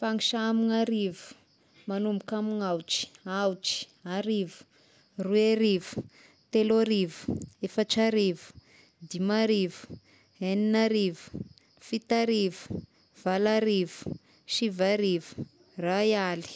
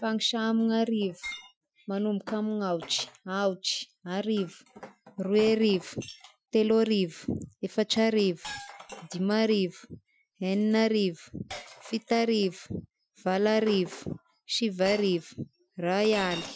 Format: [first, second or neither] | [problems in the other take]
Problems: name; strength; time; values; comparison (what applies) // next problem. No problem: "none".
first | noise reduction (classical method Wiener filter)